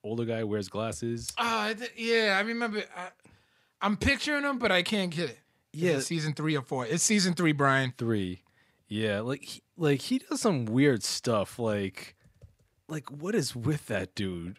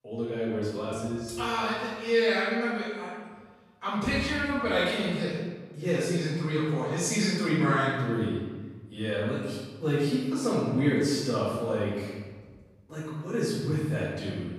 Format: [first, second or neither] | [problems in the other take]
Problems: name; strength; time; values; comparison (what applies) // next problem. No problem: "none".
first | off-mic speech; far // room echo; strong; dies away in 1.3 s